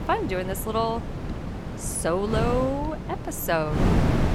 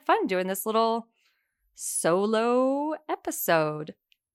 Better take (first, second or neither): second